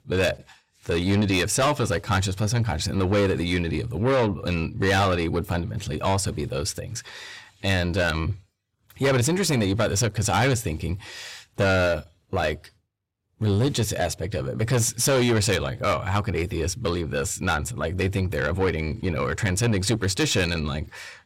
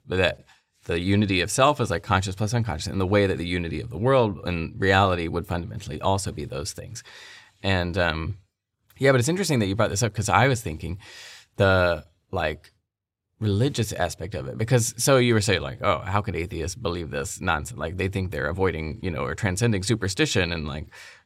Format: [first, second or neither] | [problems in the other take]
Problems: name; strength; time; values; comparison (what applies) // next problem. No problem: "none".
second | distortion; heavy; 8 dB below the speech